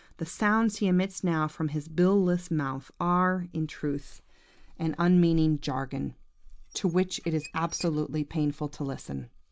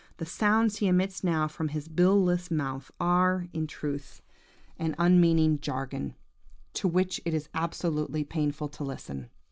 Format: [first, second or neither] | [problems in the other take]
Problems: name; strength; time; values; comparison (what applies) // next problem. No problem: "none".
second | background sound (Squeak / Dishes, pots, and pans); 18 dB below the speech